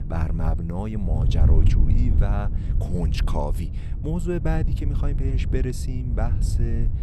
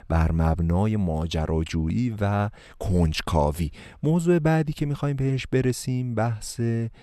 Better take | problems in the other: second | wind noise on the microphone; heavy; 6 dB below the speech

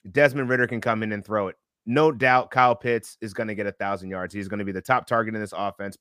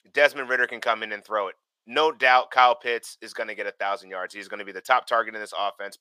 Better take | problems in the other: first | thin; very; fading below 650 Hz

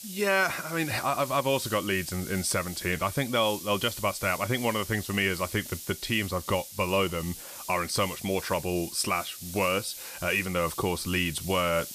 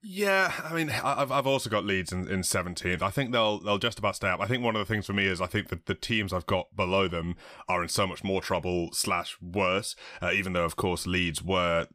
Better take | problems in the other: second | hiss; noticeable; throughout; 10 dB below the speech

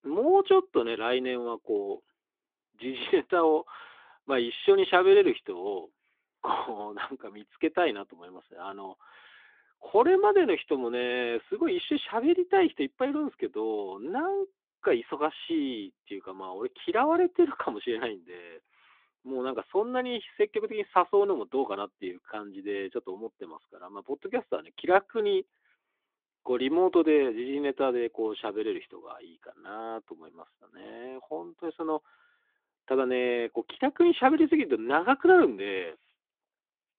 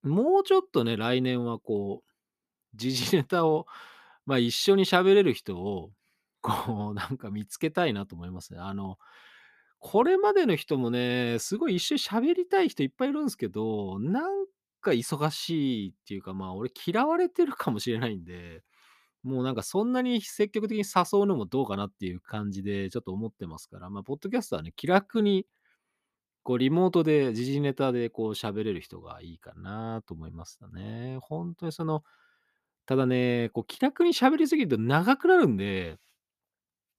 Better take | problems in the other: second | phone-call audio; nothing above 3.5 kHz

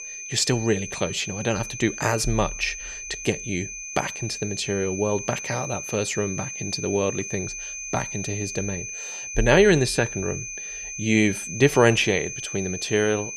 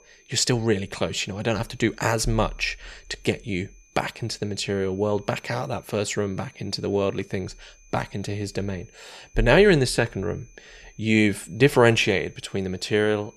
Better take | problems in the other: second | high-pitched whine; loud; throughout; 6 kHz, 8 dB below the speech; faint in the second

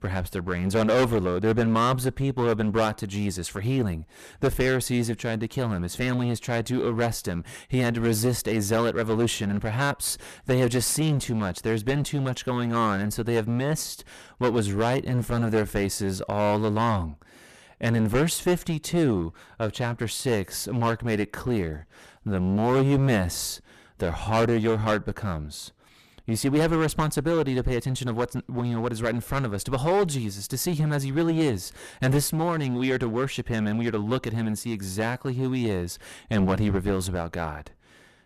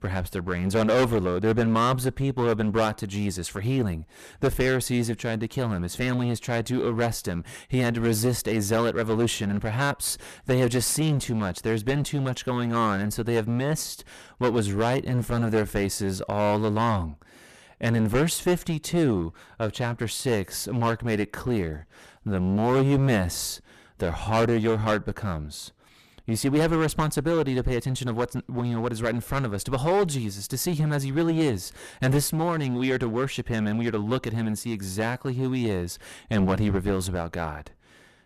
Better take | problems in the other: neither | distortion; heavy; 10% of the sound clipped; the same in both

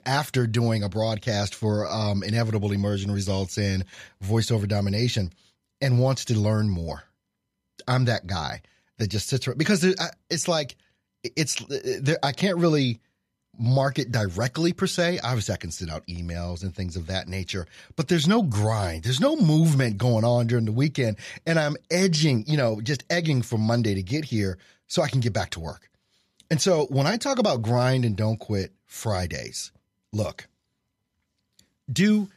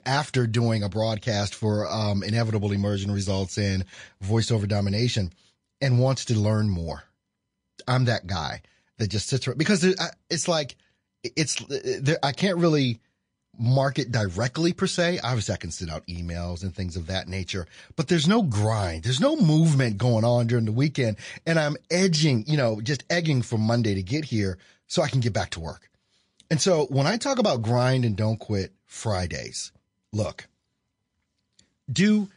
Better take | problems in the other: first | garbled, watery; slightly

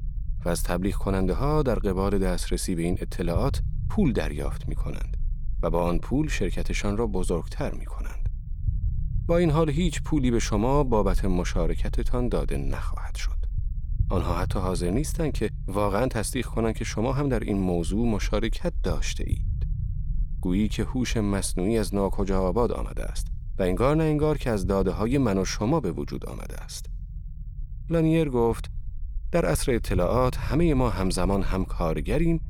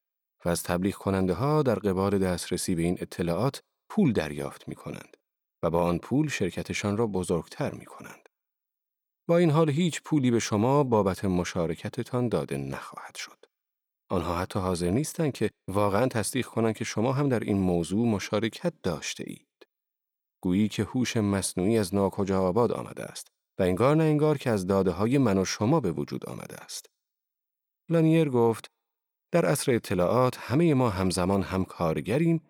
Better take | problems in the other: second | low rumble; faint; throughout; 25 dB below the speech

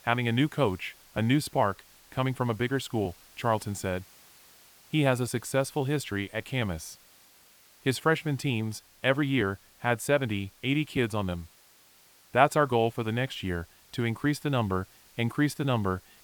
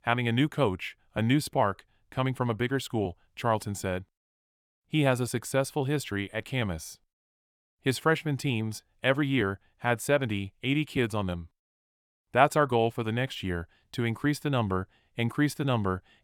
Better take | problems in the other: second | hiss; faint; throughout; 25 dB below the speech

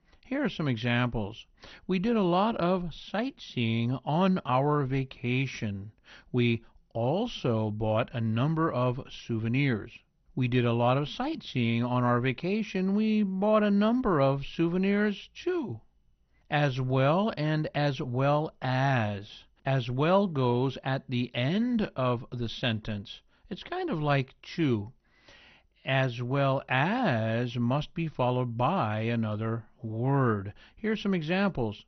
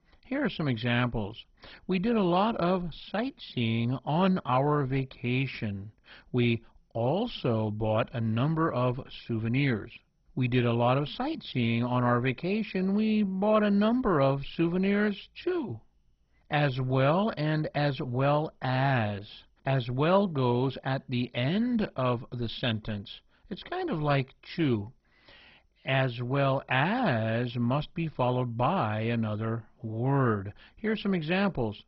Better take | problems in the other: first | garbled, watery; badly; nothing above 5.5 kHz; slightly in the first

